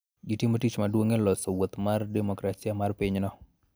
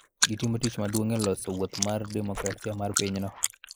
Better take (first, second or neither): first